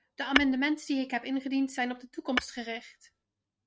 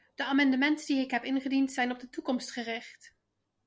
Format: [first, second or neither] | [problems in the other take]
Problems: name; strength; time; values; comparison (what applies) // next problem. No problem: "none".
second | noise reduction (neural mask model RNNoise)